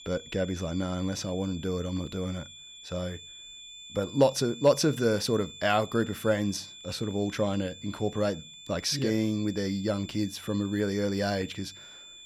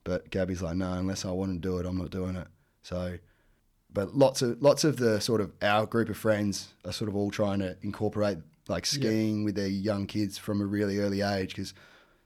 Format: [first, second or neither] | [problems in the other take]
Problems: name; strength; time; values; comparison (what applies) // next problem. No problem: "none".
second | high-pitched whine; noticeable; throughout; 3.5 kHz, 15 dB below the speech